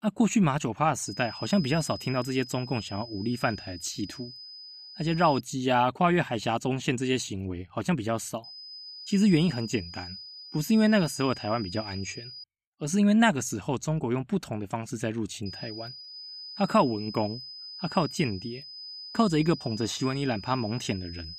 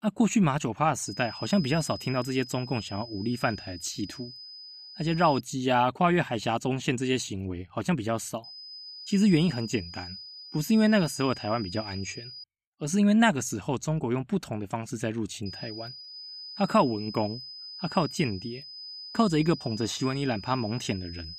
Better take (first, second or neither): neither